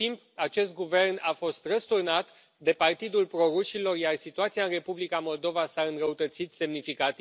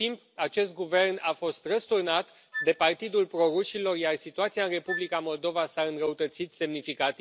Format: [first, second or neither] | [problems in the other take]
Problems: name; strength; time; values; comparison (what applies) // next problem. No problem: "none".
first | background sound (Wind instrument, woodwind instrument); 11 dB below the speech